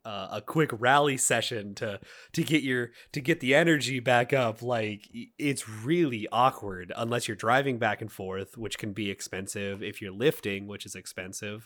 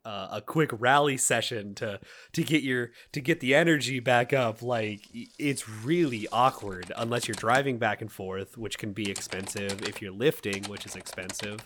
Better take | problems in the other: first | household noises; noticeable; throughout; 15 dB below the speech

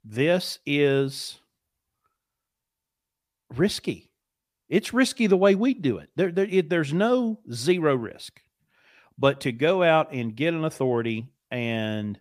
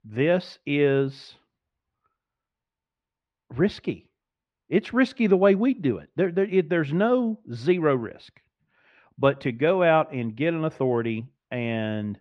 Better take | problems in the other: first | muffled; slightly; fading above 2.5 kHz

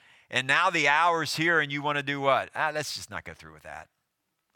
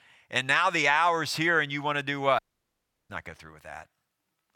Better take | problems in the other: first | audio cutting out; at 2.5 s for 0.5 s

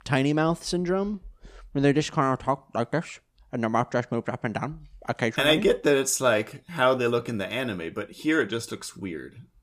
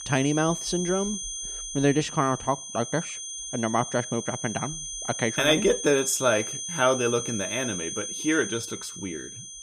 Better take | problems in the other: first | high-pitched whine; loud; throughout; 6.5 kHz, 6 dB below the speech

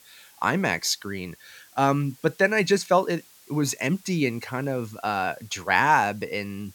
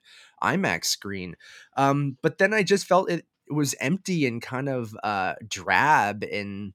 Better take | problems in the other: second | hiss; faint; throughout; 25 dB below the speech

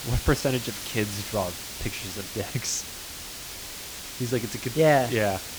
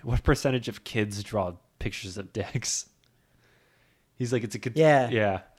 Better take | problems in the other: second | hiss; loud; throughout; 7 dB below the speech

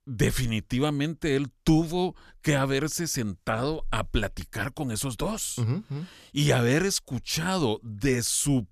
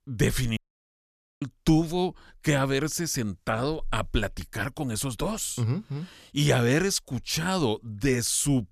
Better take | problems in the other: first | audio cutting out; at 0.5 s for 1 s

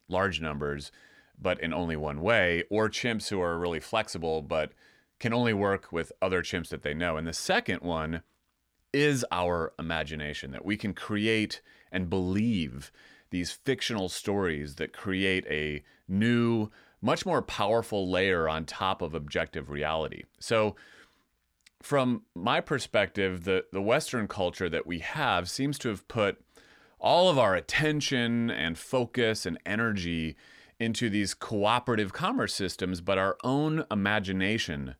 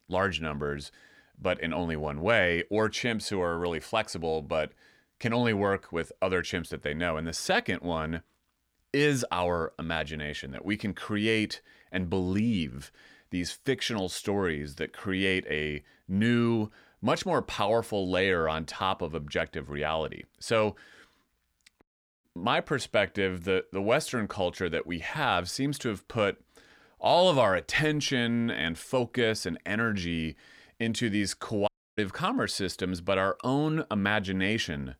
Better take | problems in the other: first | audio cutting out; at 22 s and at 32 s

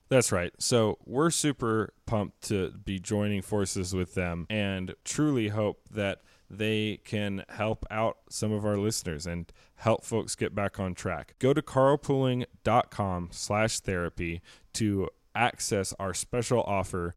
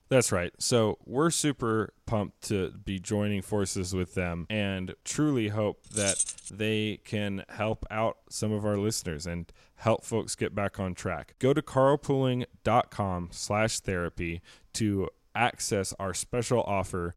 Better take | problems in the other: first | jangling keys; loud; at 6 s; peak 3 dB above the speech

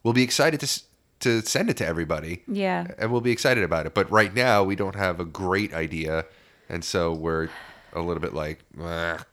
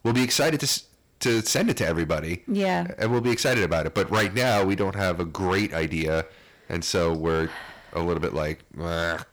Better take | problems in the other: first | distortion; heavy; 10% of the sound clipped

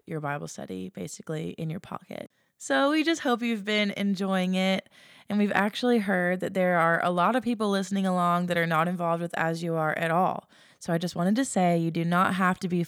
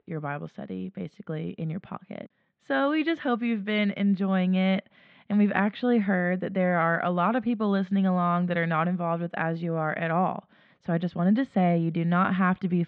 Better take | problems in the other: first | muffled; very; fading above 3 kHz

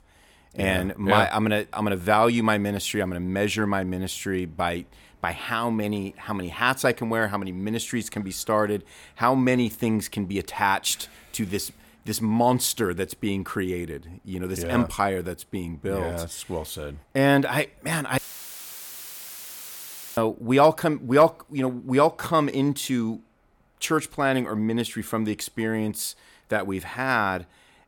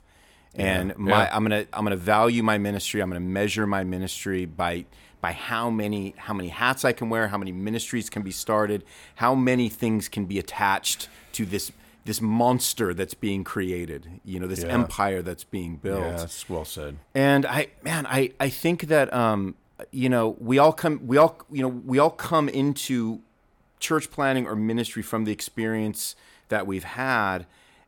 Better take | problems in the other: second | audio cutting out; filled with static; at 18 s for 2 s

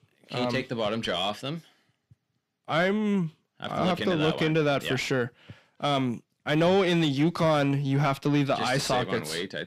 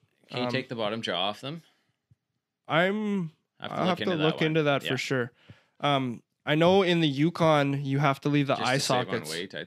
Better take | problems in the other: second | distortion; slight; 10 dB below the speech

